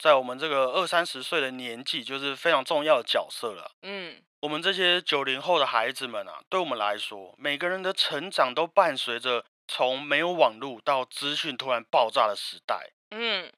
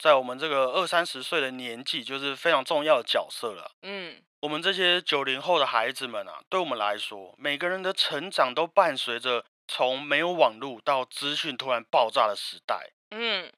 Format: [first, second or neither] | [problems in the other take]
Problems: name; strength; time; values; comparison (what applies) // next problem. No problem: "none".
neither | thin; very; fading below 650 Hz; the same in both